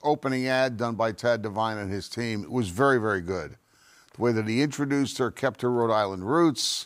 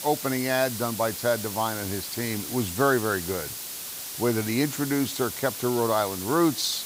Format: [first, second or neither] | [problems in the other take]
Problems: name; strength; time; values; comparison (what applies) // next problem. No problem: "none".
first | hiss; loud; throughout; 6 dB below the speech